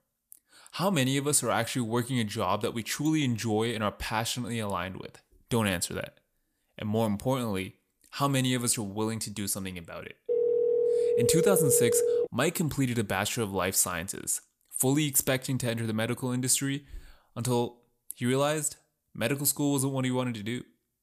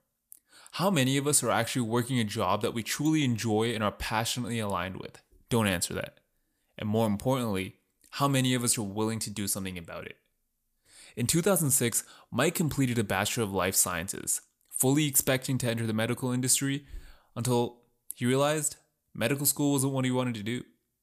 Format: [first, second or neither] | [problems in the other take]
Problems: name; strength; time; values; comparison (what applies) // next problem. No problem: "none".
second | phone ringing; loud; from 10 to 12 s; peak 3 dB above the speech